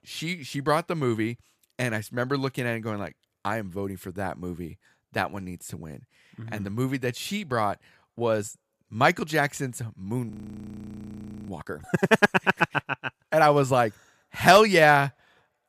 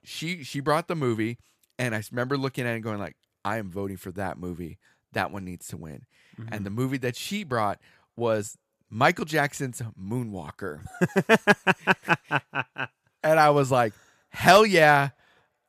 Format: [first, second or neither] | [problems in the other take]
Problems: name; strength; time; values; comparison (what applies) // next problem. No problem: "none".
second | audio freezing; at 10 s for 1 s